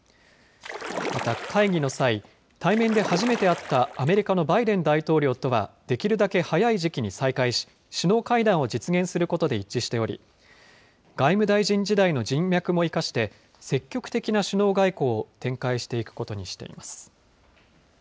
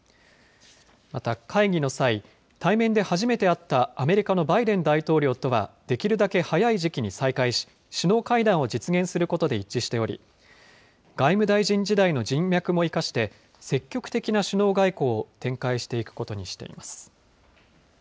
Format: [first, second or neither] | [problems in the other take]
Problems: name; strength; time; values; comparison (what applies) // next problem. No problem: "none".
second | background sound (Splash, splatter); 10 dB below the speech